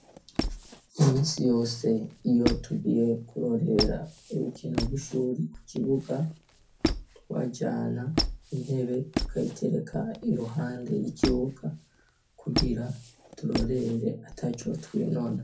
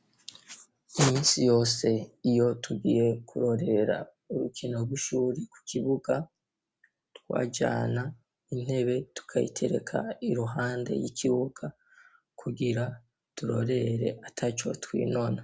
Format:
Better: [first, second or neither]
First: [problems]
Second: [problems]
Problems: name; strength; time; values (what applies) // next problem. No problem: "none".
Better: second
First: background sound (Squeak); 6 dB below the speech // room echo; dies away in 0.3 s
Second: none